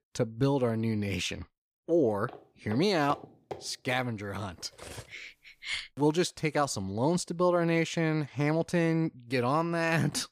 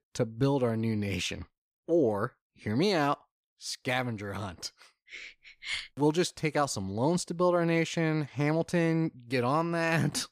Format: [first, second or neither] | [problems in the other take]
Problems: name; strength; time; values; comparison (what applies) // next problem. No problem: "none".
second | footsteps; faint; from 2.5 to 4 s; peak 15 dB below the speech // clattering dishes; faint; at 4.5 s; peak 15 dB below the speech